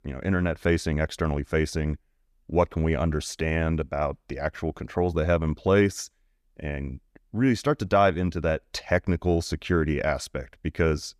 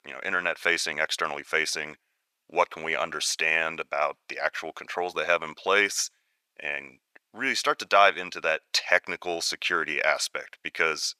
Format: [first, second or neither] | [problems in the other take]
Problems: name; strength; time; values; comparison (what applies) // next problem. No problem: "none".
first | thin; very; fading below 850 Hz